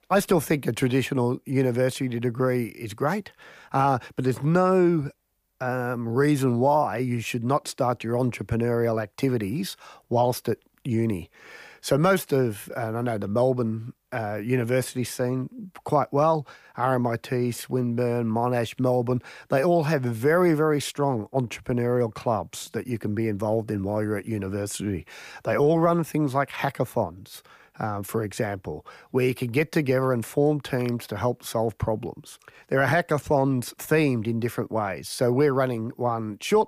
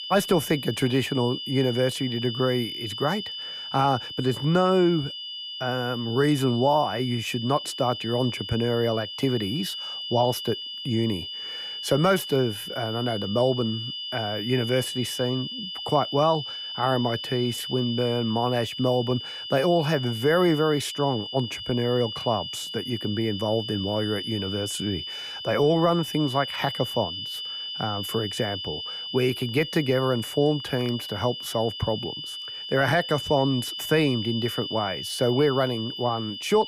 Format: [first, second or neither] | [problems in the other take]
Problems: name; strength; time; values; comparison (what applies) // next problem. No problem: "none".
first | high-pitched whine; loud; throughout; 3 kHz, 7 dB below the speech